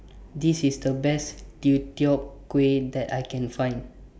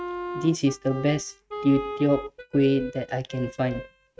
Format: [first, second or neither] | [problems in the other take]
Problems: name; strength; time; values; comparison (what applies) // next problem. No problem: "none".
first | noise reduction (neural mask model RNNoise)